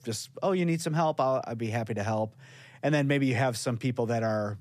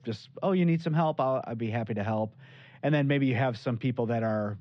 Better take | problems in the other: first | muffled; slightly; fading above 3.5 kHz

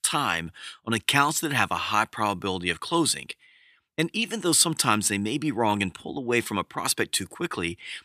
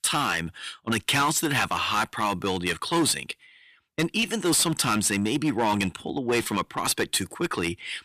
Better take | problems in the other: first | distortion; heavy; 8% of the sound clipped

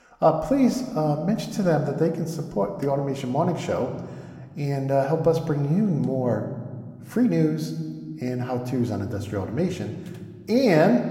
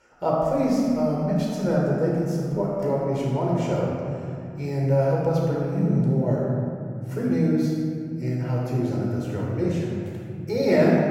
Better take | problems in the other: first | room echo; strong; dies away in 2.6 s; slight in the first // off-mic speech; far

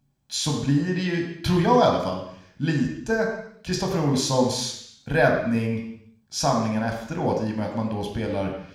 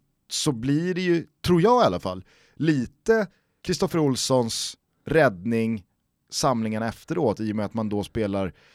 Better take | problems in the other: second | room echo; noticeable; dies away in 0.8 s // off-mic speech; somewhat distant

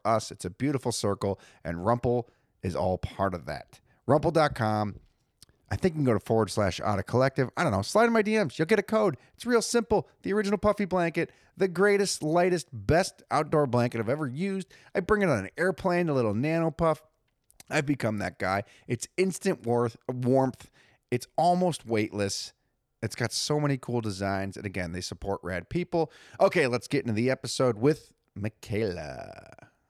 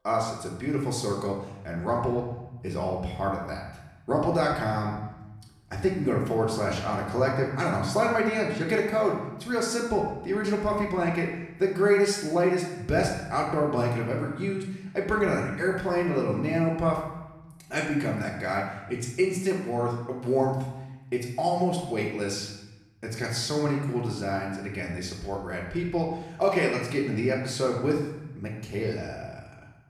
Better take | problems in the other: first | room echo; noticeable; dies away in 0.9 s // off-mic speech; far

